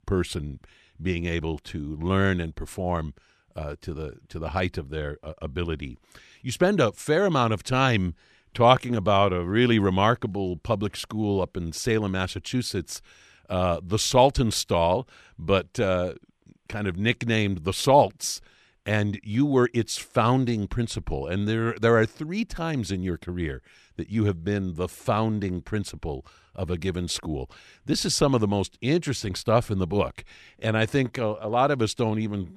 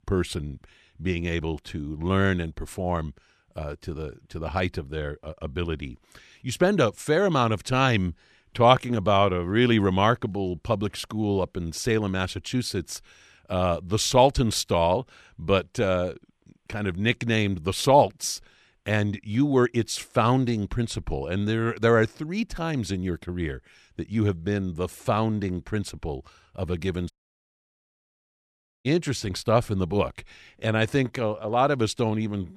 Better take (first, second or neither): first